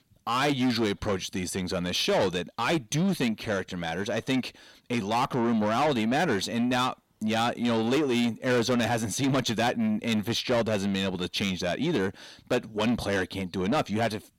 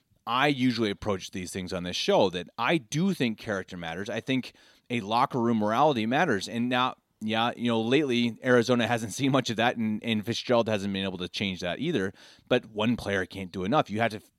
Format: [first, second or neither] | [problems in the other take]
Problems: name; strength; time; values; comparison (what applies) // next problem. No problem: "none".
second | distortion; heavy; 8 dB below the speech